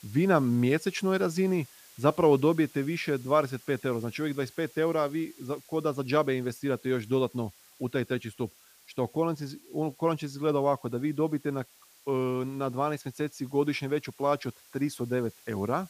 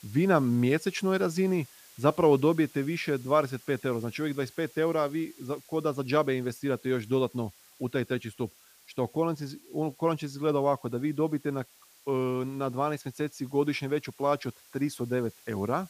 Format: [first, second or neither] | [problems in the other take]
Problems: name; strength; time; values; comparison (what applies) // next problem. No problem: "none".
neither | hiss; faint; throughout; 25 dB below the speech; the same in both